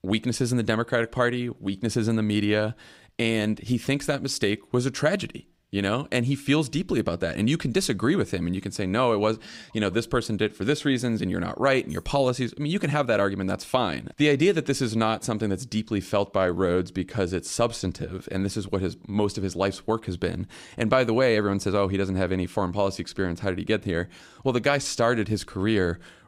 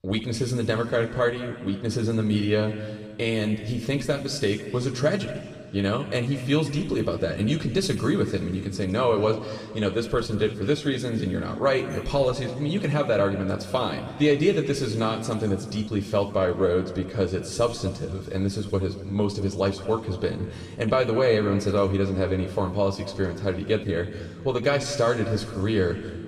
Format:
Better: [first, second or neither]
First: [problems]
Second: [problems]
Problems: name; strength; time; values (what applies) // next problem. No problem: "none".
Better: first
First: none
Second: room echo; noticeable; dies away in 1.9 s // off-mic speech; somewhat distant